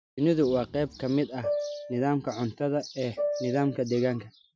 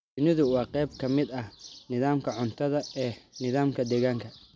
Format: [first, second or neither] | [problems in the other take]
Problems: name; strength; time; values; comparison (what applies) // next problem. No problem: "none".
second | noise reduction (classical method Wiener filter)